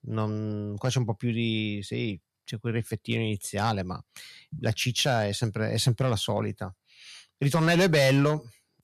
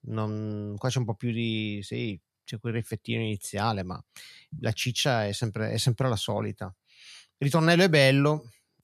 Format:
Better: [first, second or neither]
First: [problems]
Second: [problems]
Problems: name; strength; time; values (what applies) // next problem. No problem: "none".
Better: second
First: distortion; slight; 1.8% of the sound clipped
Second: none